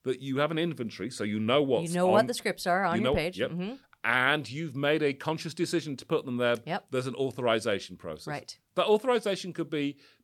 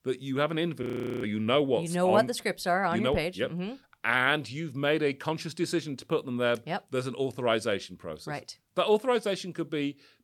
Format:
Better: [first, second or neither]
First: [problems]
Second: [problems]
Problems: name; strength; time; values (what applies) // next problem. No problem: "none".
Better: first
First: none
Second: audio freezing; at 1 s